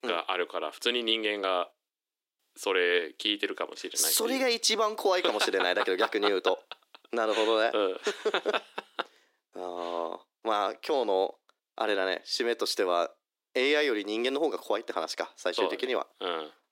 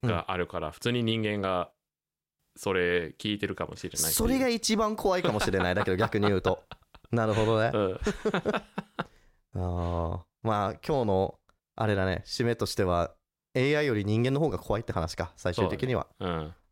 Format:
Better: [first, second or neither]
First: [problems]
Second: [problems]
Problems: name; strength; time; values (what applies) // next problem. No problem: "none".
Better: second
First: thin; somewhat; fading below 300 Hz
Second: none